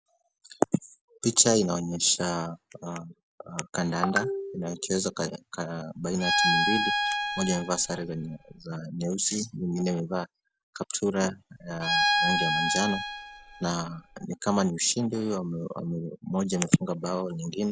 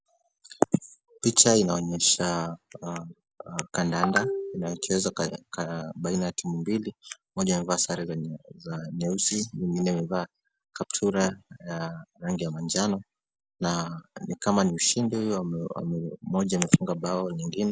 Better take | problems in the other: second | background sound (Bowed string instrument); 1 dB above the speech

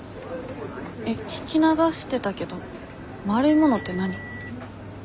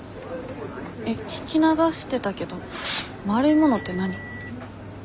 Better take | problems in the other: first | background sound (Fireworks); 13 dB below the speech

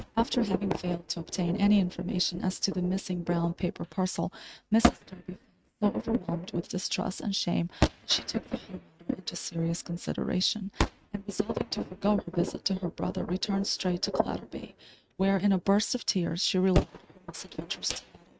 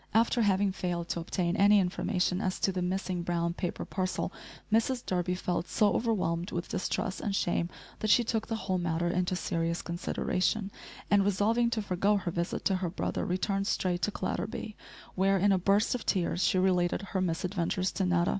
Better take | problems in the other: second | noise reduction (neural mask model RNNoise)

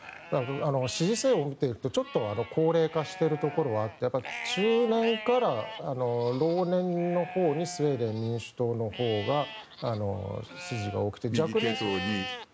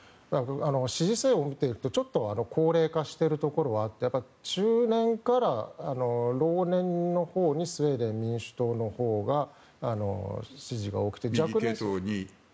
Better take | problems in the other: second | background sound (Livestock, farm animals, working animals); 13 dB below the speech

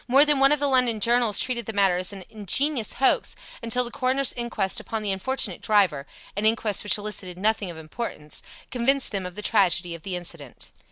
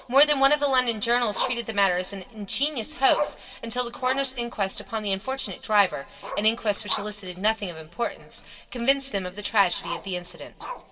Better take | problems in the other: first | background sound (Growling); 12 dB below the speech // room echo; dies away in 1.6 s

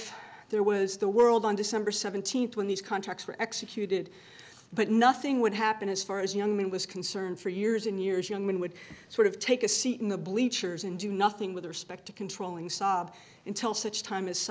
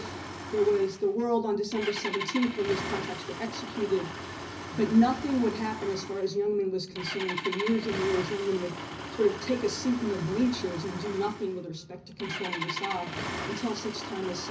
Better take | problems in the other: first | background sound (Engine starting); 8 dB below the speech // room echo; dies away in 0.4 s

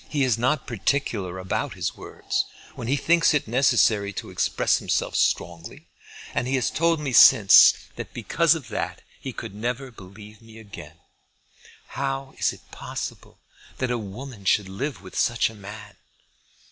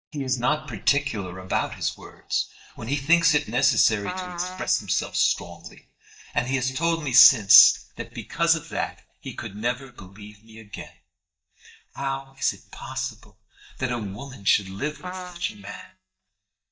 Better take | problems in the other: first | noise reduction (neural mask model DeepFilterNet 3)

